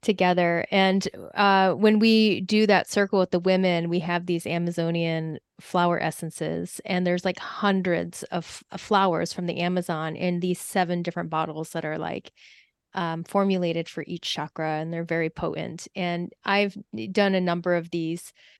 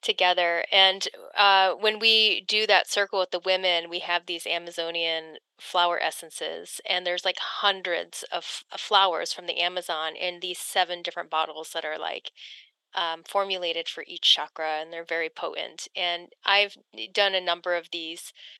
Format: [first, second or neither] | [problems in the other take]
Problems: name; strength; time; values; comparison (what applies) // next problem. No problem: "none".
first | thin; very; fading below 550 Hz